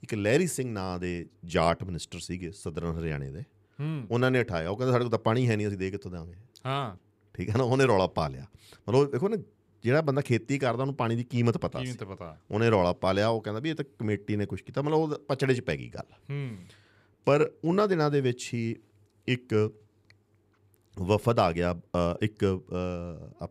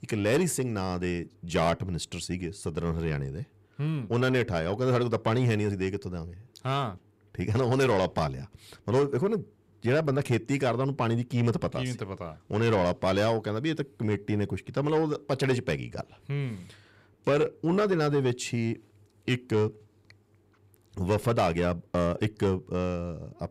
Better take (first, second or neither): first